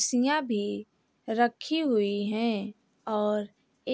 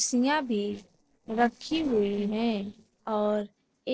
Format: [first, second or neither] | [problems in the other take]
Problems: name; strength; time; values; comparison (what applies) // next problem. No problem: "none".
first | noise reduction (neural separator model SepFormer DNS4)